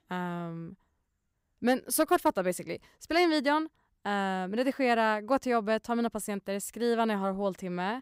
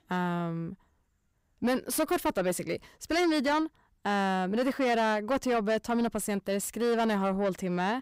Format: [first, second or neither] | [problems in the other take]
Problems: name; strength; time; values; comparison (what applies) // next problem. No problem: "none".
first | distortion; heavy; 7 dB below the speech